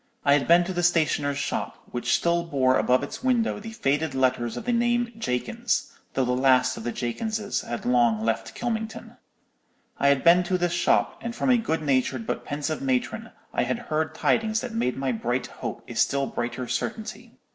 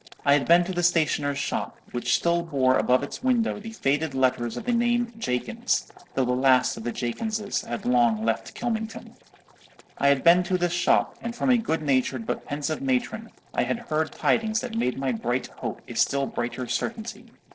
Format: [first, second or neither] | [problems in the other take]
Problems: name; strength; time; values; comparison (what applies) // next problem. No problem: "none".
first | noise reduction (neural separator model SepFormer DNS4)